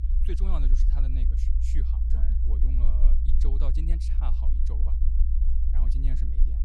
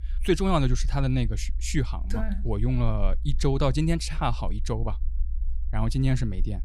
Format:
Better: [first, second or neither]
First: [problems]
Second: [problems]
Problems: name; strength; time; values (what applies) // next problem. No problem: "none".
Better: second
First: low rumble; loud; throughout; 1 dB below the speech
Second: low rumble; faint; throughout; 25 dB below the speech